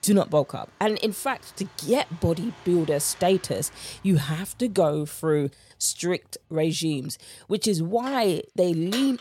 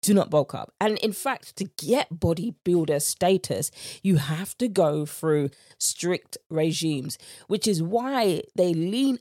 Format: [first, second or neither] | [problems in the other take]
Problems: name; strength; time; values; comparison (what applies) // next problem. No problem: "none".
second | traffic noise; noticeable; throughout; 20 dB below the speech